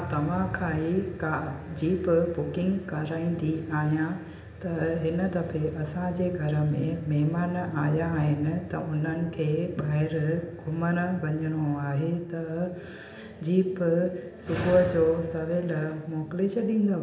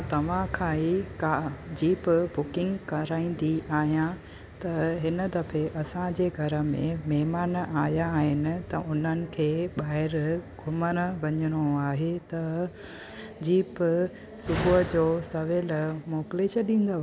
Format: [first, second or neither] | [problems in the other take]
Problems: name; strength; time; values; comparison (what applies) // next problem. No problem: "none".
second | room echo; dies away in 0.8 s